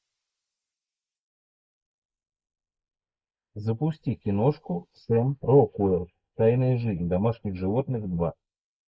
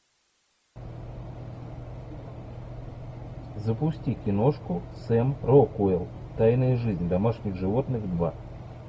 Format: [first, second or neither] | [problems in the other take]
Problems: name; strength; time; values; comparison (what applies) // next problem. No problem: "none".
second | noise reduction (neural mask model Resemble Enhance denoiser)